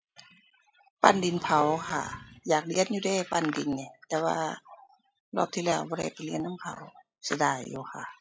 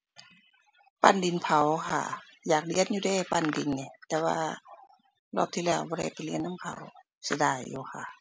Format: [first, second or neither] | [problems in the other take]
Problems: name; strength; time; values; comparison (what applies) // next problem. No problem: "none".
second | noise reduction (classical method log-MMSE)